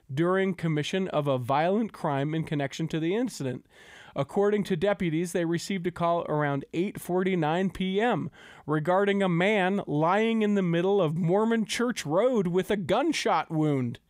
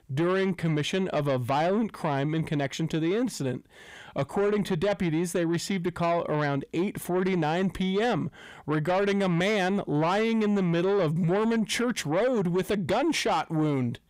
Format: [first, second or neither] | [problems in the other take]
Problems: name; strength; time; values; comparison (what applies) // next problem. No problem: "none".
first | distortion; slight; 10 dB below the speech